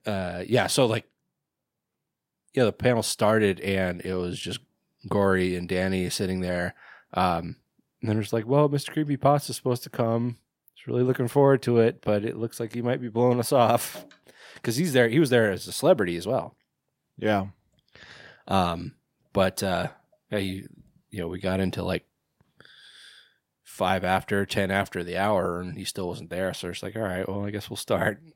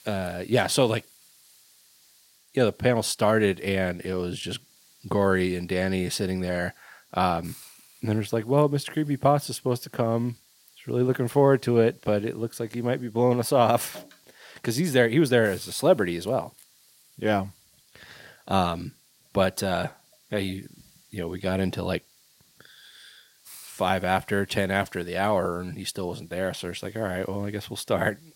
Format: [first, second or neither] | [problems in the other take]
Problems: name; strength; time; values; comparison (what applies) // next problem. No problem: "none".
first | hiss; faint; throughout; 25 dB below the speech